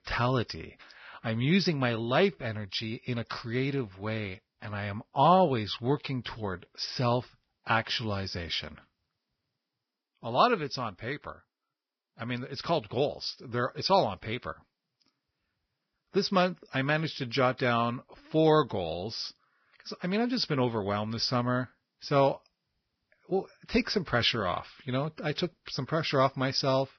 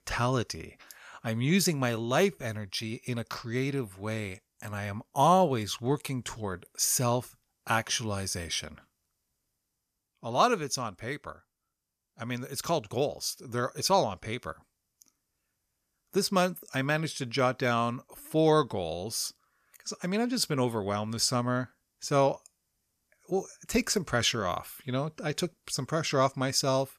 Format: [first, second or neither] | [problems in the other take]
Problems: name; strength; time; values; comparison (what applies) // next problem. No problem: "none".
second | garbled, watery; badly; nothing above 5.5 kHz